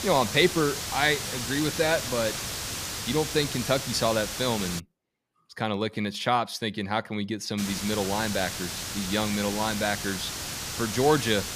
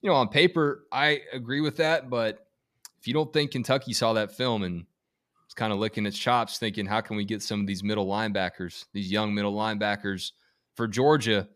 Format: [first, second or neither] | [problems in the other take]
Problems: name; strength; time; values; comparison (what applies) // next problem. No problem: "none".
second | hiss; loud; until 5 s and from 7.5 s on; 4 dB below the speech